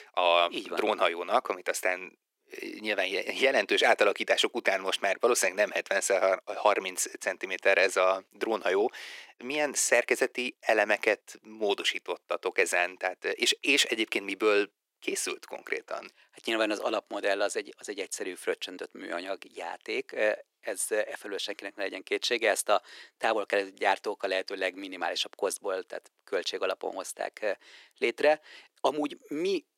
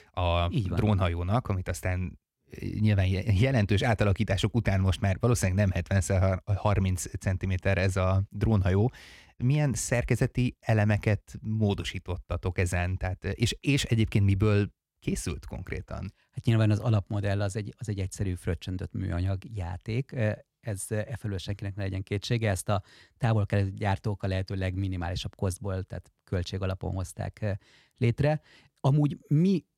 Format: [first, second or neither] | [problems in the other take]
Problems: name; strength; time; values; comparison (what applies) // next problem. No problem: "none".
second | thin; very; fading below 350 Hz